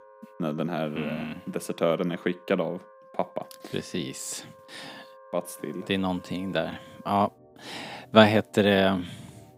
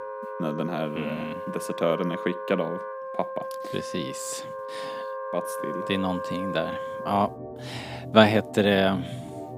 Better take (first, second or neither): first